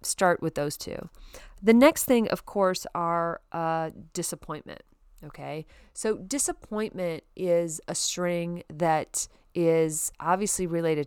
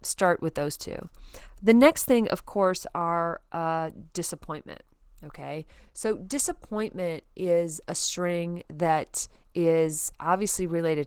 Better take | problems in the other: first | garbled, watery; slightly; nothing above 19 kHz

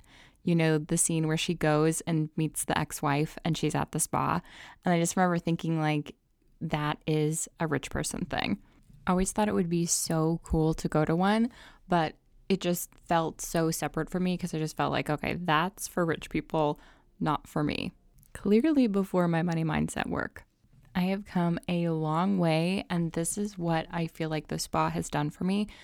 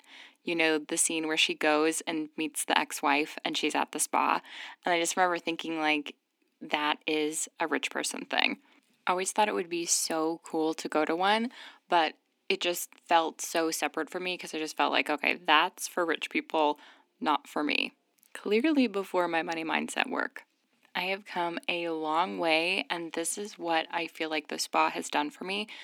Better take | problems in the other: first | thin; somewhat; fading below 250 Hz

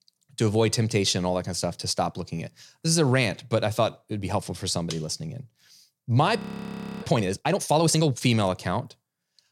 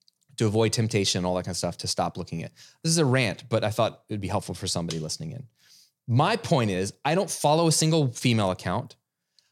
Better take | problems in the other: second | audio freezing; at 6.5 s for 0.5 s

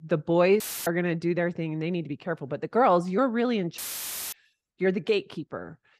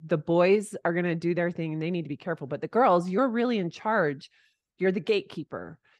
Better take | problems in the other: second | audio cutting out; filled with static; at 0.5 s and at 4 s for 0.5 s

